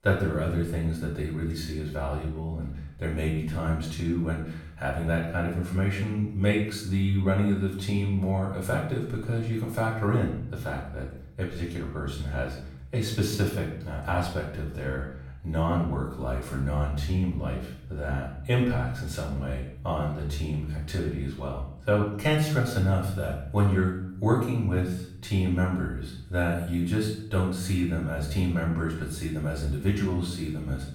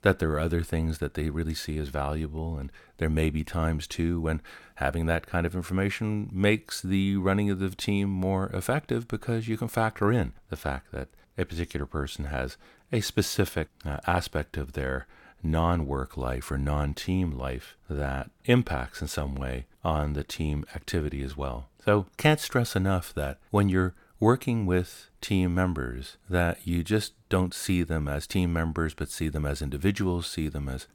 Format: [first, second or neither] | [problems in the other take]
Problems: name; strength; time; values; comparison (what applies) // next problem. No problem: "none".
second | room echo; noticeable; dies away in 0.7 s // off-mic speech; far